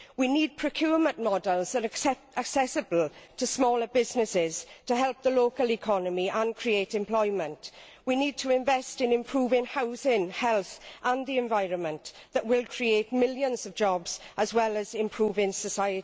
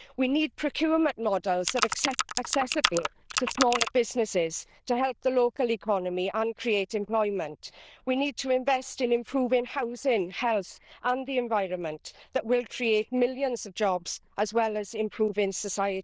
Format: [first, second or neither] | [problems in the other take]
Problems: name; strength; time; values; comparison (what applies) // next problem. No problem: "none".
first | noise reduction (neural diffusion model UNIVERSE++)